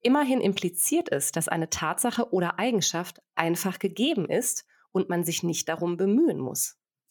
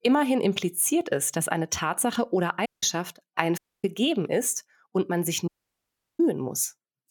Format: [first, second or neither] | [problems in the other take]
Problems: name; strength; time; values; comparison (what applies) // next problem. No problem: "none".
first | audio cutting out; at 2.5 s, at 3.5 s and at 5.5 s for 0.5 s